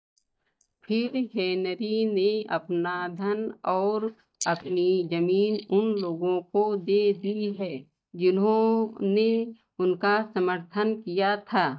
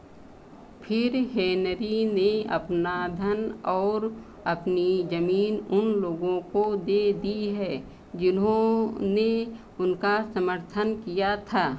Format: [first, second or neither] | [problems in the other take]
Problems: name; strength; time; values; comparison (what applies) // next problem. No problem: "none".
second | noise reduction (neural mask model DeepFilterNet 3)